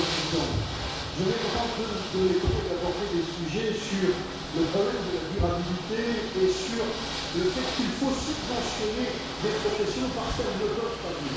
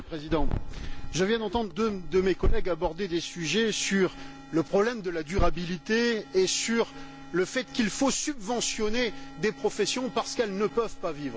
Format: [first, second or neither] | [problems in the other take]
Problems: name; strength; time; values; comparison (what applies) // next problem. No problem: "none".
second | background sound (Ocean / Boat, Water vehicle); 6 dB below the speech // room echo; dies away in 1.1 s